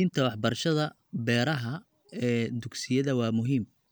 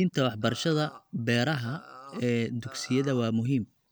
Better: first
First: none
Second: background sound (Burping, eructation); 20 dB below the speech

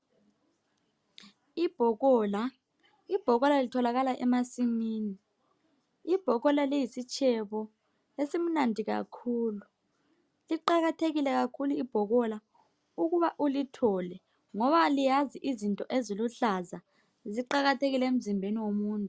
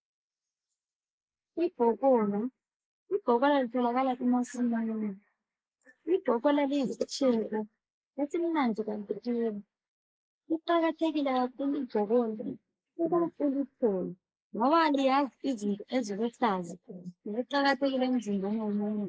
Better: first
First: none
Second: noise reduction (neural mask model Resemble Enhance denoiser)

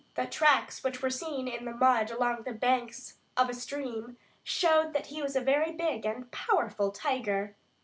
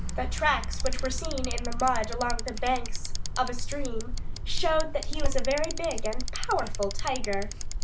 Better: first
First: none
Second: background sound (Bicycle); 3 dB above the speech

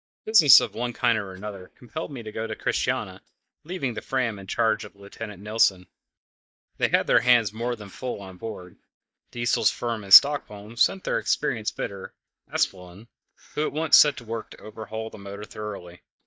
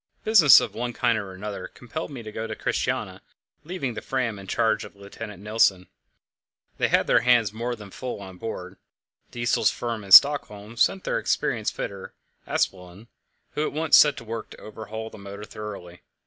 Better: second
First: noise reduction (neural mask model DeepFilterNet 3)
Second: none

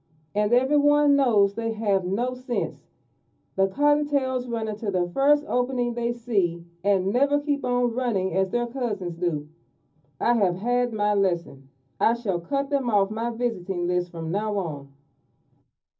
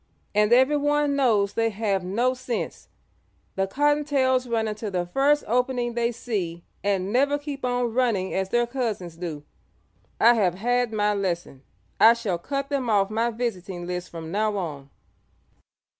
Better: second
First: room echo; dies away in 0.4 s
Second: none

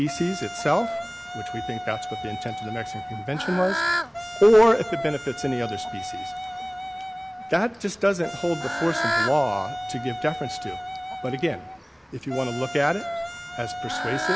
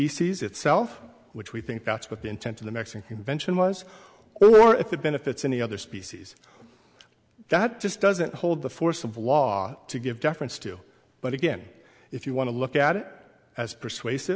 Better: second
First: background sound (Bird / Fowl + Wind instrument, woodwind instrument); 6 dB below the speech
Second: none

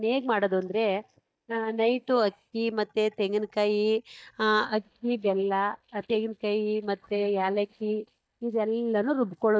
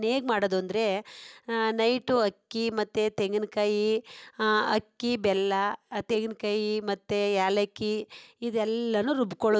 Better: second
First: noise reduction (neural mask model DeepFilterNet 3)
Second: none

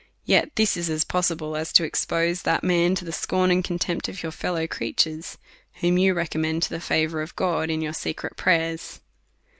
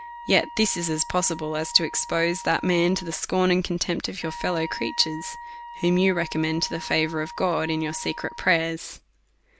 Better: first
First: none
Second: background sound (Wind instrument, woodwind instrument); 15 dB below the speech

